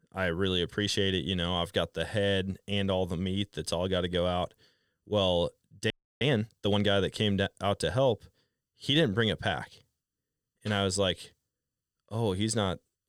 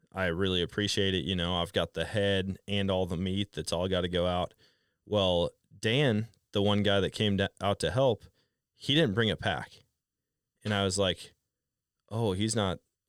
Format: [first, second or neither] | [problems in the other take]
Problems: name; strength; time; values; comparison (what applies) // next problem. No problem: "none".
second | audio freezing; at 6 s